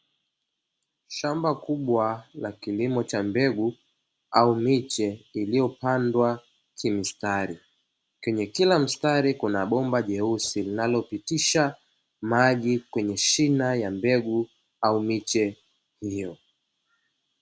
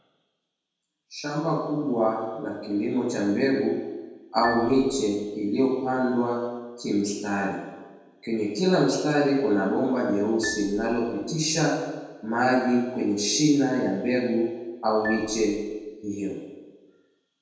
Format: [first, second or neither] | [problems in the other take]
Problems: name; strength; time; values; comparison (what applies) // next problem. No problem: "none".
first | background sound (Marimba, xylophone); 15 dB below the speech // room echo; dies away in 1.1 s